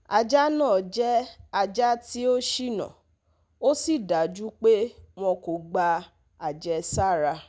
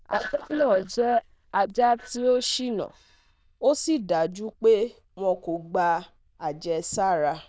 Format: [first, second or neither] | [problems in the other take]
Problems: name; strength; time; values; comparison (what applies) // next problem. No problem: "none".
first | noise reduction (neural diffusion model UNIVERSE++)